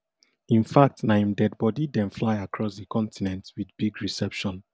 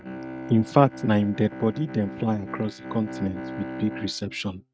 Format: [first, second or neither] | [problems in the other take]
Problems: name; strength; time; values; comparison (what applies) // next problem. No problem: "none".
first | noise reduction (neural mask model RNNoise)